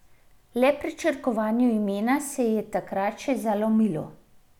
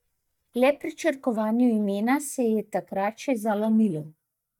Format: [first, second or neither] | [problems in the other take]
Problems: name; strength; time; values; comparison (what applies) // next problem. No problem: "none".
first | noise reduction (neural mask model DeepFilterNet 3)